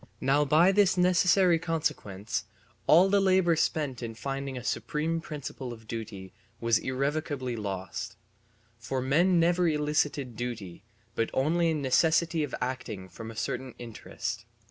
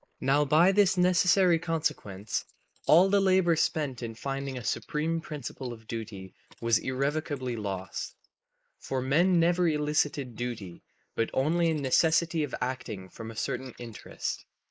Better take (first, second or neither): first